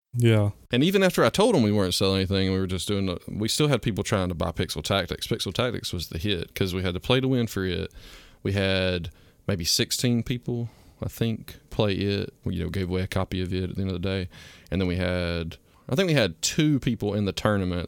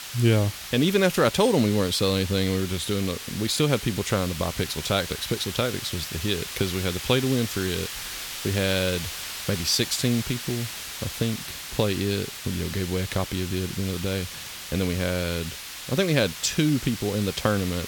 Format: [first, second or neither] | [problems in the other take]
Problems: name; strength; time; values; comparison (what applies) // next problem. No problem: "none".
first | hiss; loud; throughout; 8 dB below the speech